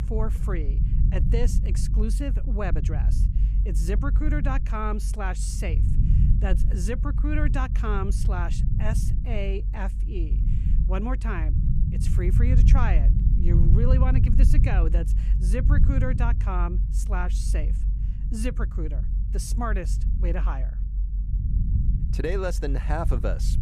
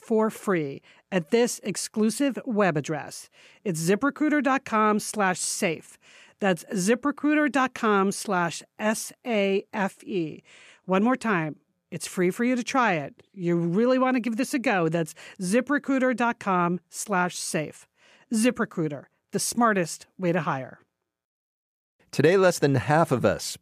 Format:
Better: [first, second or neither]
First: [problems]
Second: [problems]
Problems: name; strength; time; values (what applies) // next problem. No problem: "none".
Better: second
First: low rumble; loud; throughout; 8 dB below the speech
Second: none